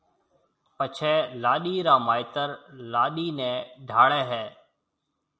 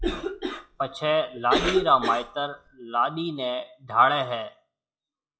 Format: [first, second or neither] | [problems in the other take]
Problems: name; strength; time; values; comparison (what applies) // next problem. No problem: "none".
first | noise reduction (classical method log-MMSE)